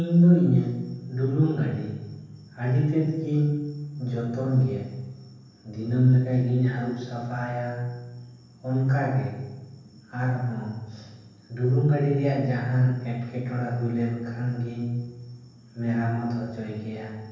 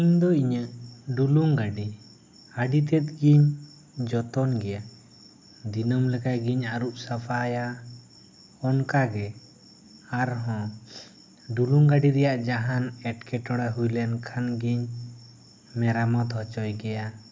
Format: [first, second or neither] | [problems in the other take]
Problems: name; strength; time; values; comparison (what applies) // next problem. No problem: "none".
second | room echo; dies away in 1.1 s